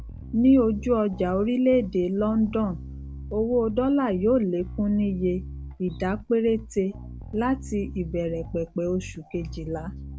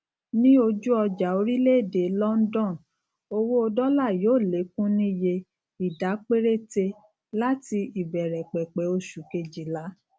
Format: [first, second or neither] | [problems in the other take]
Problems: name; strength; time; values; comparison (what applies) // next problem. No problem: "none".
second | background sound (Bass guitar); 13 dB below the speech